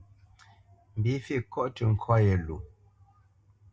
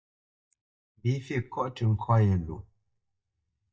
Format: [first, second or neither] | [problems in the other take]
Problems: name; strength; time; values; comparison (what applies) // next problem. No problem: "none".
first | noise reduction (neural mask model DeepFilterNet 3)